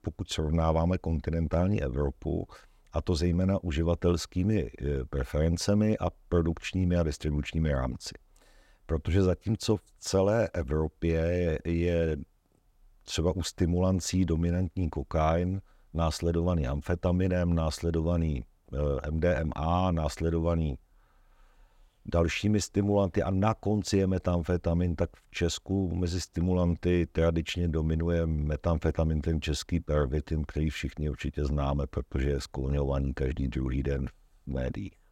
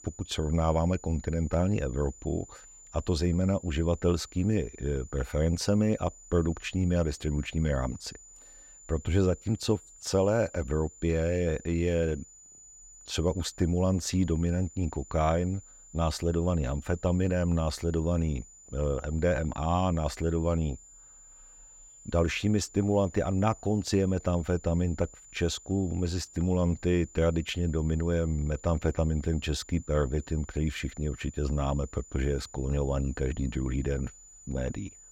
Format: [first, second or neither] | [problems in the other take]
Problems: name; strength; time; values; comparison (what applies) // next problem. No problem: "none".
first | high-pitched whine; faint; throughout; 7 kHz, 20 dB below the speech